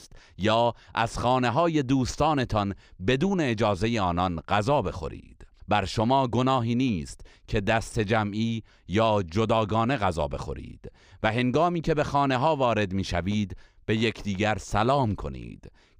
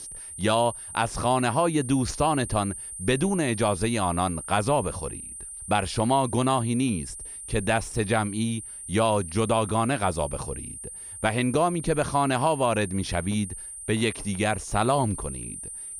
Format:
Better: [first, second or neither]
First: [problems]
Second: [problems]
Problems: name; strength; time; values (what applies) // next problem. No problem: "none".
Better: first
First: none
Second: high-pitched whine; noticeable; throughout; 9 kHz, 10 dB below the speech